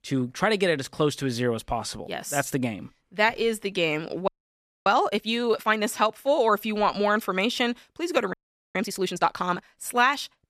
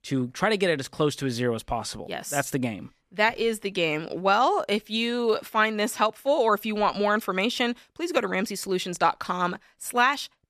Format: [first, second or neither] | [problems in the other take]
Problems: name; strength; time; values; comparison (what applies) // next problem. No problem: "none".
second | audio freezing; at 4.5 s for 0.5 s and at 8.5 s